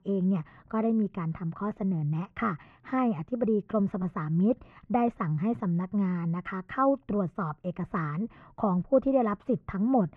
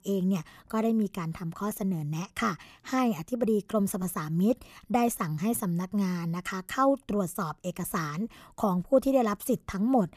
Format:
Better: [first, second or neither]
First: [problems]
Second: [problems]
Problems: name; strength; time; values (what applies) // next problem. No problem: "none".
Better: second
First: muffled; very; fading above 2 kHz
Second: none